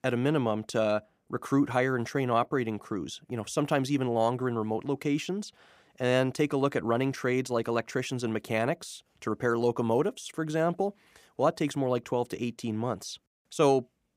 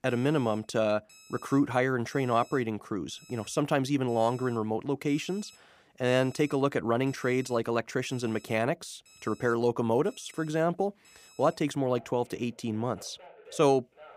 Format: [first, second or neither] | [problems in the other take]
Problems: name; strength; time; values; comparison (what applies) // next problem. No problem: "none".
first | alarms or sirens; faint; throughout; 25 dB below the speech